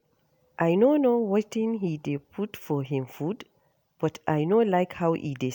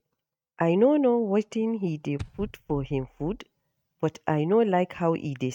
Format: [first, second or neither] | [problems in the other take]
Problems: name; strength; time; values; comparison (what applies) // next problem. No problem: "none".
first | noise reduction (neural mask model RNNoise)